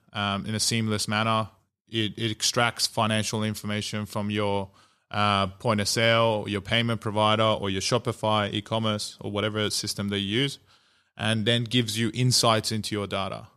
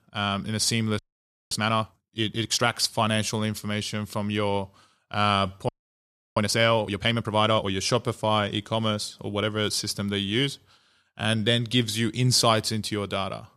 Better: first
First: none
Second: audio freezing; at 1 s for 0.5 s and at 5.5 s for 0.5 s

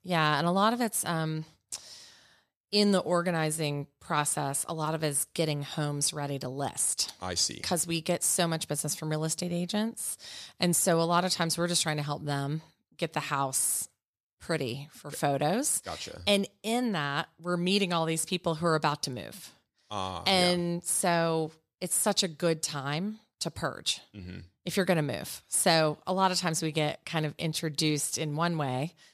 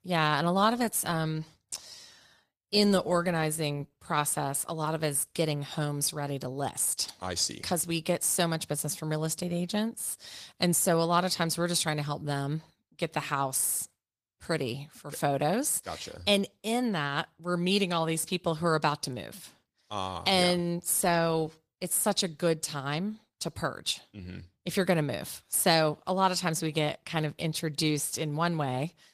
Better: first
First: none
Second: garbled, watery; slightly

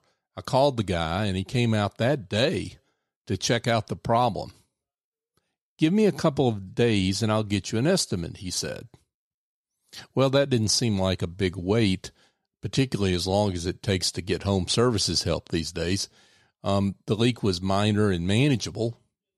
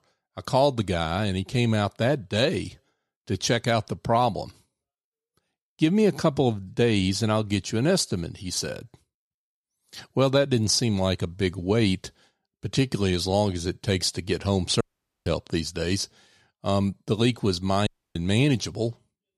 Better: first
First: none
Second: audio cutting out; at 15 s and at 18 s

